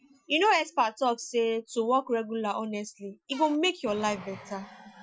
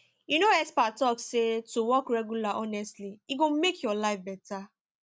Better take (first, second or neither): second